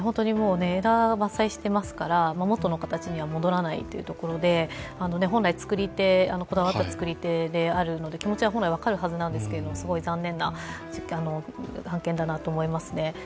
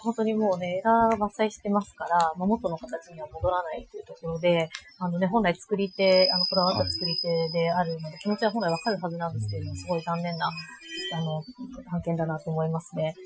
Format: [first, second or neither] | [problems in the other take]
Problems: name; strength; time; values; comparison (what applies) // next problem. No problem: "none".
first | noise reduction (classical method Wiener filter)